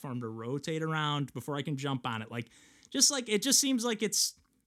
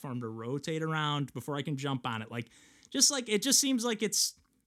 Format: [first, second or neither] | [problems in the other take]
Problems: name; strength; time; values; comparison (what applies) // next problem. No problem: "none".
neither | none